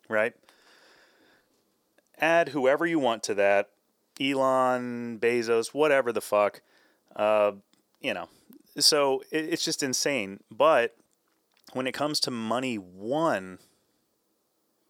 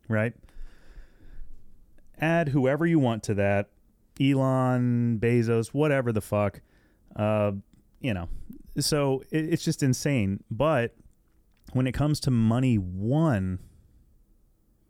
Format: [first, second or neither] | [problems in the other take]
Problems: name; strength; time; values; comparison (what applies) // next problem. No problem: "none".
second | thin; somewhat; fading below 500 Hz